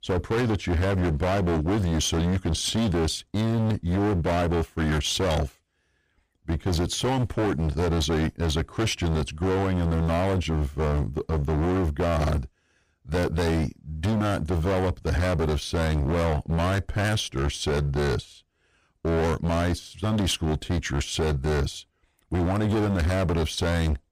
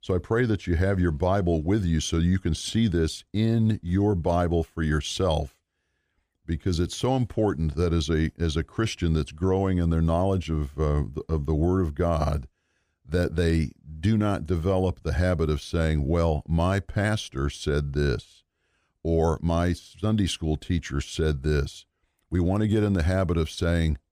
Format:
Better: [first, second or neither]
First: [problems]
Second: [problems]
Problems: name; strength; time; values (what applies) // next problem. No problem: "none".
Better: second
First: distortion; heavy; 30% of the sound clipped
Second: none